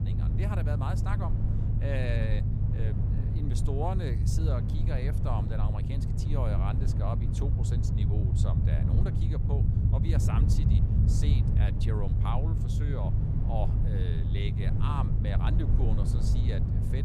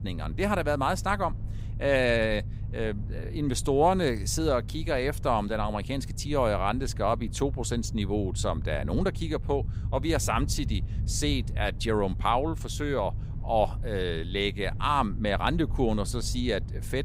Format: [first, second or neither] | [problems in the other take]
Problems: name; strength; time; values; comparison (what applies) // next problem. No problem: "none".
second | low rumble; loud; throughout; 1 dB below the speech; faint in the second